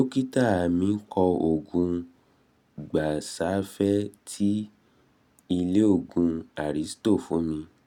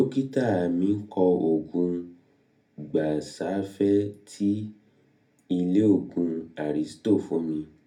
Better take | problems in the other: first | room echo; dies away in 0.3 s

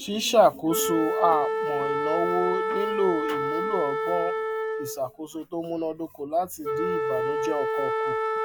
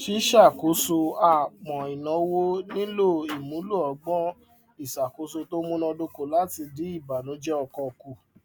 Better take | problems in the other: second | background sound (Wind instrument, woodwind instrument); 1 dB below the speech

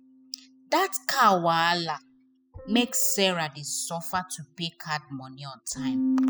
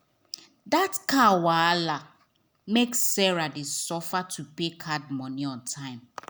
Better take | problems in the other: second | noise reduction (classical method spectral subtraction)

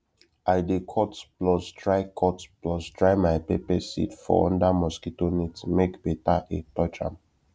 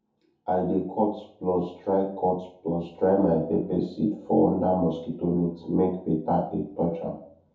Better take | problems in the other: first | room echo; dies away in 0.5 s

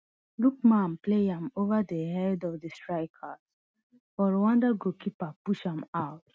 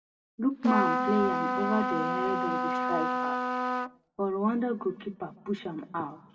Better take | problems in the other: first | background sound (Trumpet); 2 dB above the speech // room echo; dies away in 1.6 s

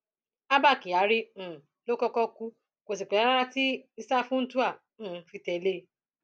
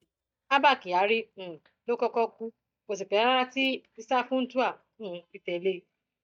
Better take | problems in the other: first | noise reduction (neural mask model DeepFilterNet 3)

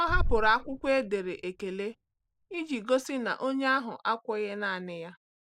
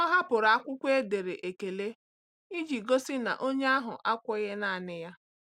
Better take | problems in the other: second | noise reduction (neural mask model DeepFilterNet 3)

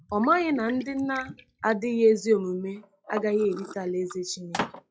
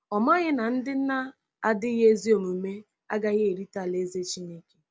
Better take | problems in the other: second | noise reduction (classical method log-MMSE)

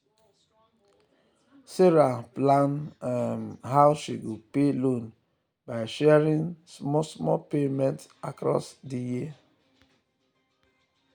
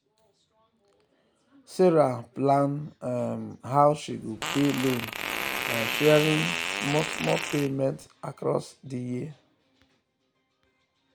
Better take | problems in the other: first | background sound (Fart); 4 dB below the speech

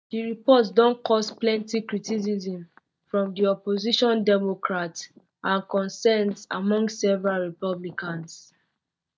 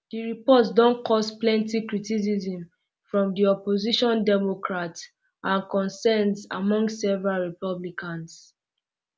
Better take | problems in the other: second | noise reduction (neural mask model DeepFilterNet 3)

